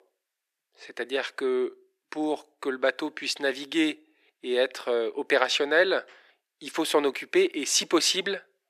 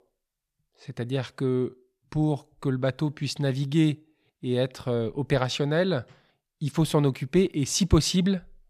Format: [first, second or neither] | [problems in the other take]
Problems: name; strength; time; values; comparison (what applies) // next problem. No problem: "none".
second | thin; very; fading below 350 Hz